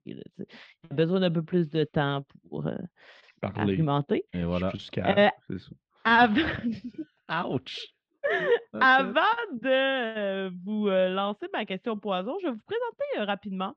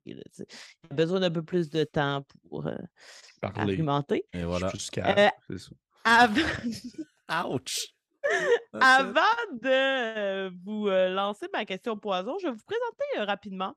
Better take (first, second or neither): second